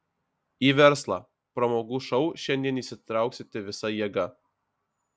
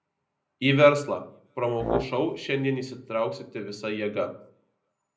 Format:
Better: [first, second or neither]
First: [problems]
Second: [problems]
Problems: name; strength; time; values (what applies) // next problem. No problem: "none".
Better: first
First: none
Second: background sound (Brass instrument); 5 dB below the speech // room echo; dies away in 0.5 s